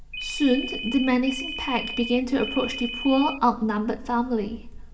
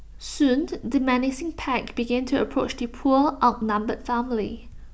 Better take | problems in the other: second | background sound (Ringtone); 9 dB below the speech // room echo; dies away in 1.2 s

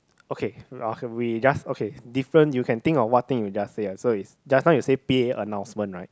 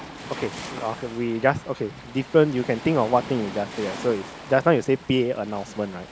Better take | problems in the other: first | background sound (Waves, surf); 14 dB below the speech

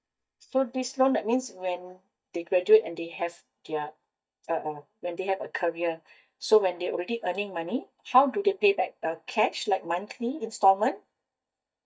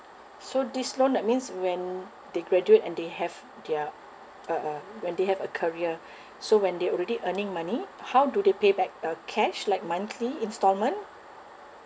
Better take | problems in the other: second | noise reduction (neural mask model DeepFilterNet 3)

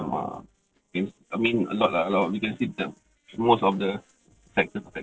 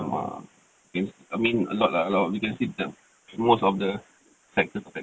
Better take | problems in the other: second | noise reduction (neural separator model SepFormer DNS4)

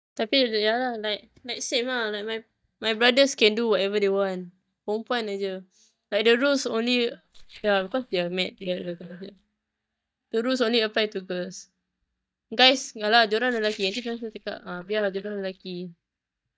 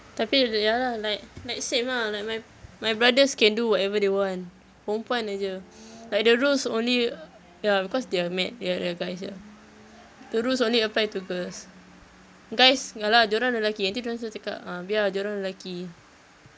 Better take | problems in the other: second | noise reduction (neural mask model DeepFilterNet 3)

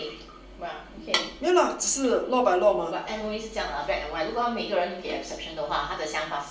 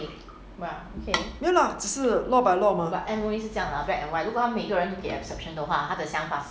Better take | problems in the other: second | room echo; dies away in 0.3 s

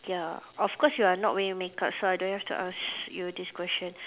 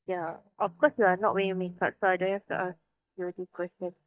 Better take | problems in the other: first | noise reduction (neural mask model DeepFilterNet 3)

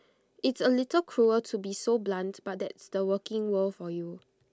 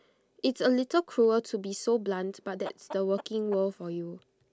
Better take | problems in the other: first | background sound (Chicken, rooster); 18 dB below the speech

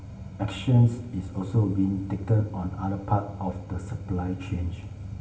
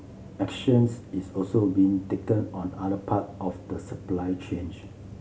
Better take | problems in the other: second | room echo; dies away in 2.4 s

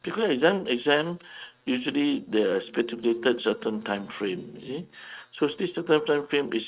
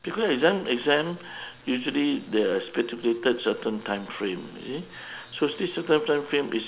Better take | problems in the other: second | noise reduction (neural mask model RNNoise)

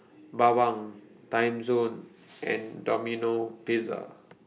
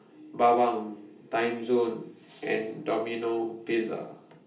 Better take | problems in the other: first | room echo; dies away in 0.4 s

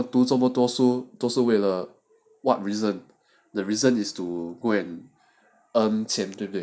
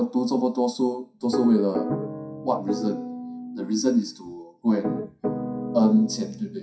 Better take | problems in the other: first | noise reduction (classical method WPE with log-MMSE)

